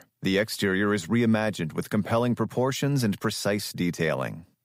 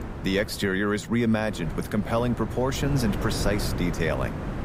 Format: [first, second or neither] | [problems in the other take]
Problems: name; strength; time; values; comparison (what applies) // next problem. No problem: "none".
first | wind noise on the microphone; heavy; 9 dB below the speech